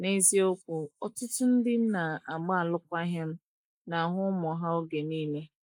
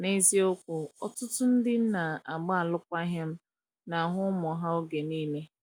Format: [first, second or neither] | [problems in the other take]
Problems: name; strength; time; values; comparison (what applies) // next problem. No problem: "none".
second | noise reduction (neural mask model Resemble Enhance denoiser)